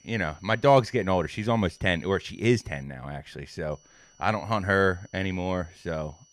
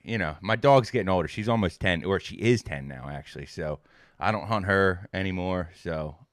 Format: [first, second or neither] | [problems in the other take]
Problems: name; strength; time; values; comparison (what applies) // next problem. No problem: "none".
second | high-pitched whine; faint; until 3 s and from 3.5 s on; 6 kHz, 30 dB below the speech